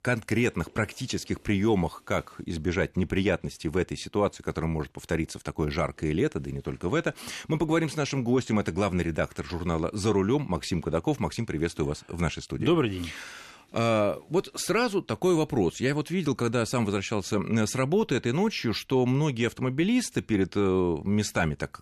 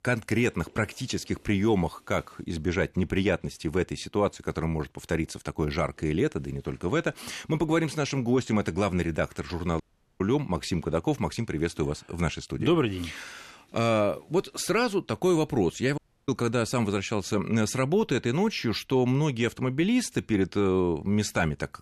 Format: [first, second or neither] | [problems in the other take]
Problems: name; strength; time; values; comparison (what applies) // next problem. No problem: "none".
first | audio cutting out; at 10 s and at 16 s